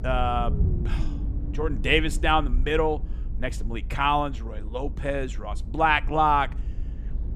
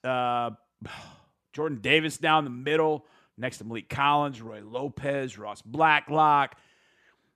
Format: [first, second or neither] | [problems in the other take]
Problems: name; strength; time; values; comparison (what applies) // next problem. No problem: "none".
second | low rumble; faint; throughout; 20 dB below the speech